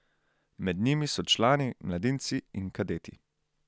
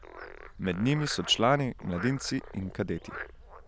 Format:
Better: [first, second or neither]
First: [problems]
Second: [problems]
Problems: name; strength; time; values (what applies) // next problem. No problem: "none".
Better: first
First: none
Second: background sound (Frog); 13 dB below the speech